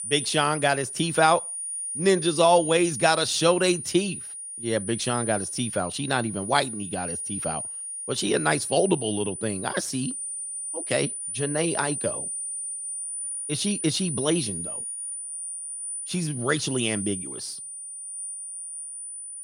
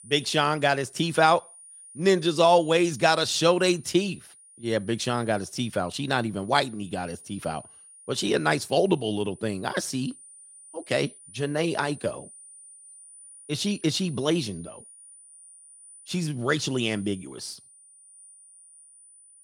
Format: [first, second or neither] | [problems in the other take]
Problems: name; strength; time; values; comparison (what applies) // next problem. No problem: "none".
second | high-pitched whine; loud; throughout; 9.5 kHz, 6 dB below the speech; faint in the second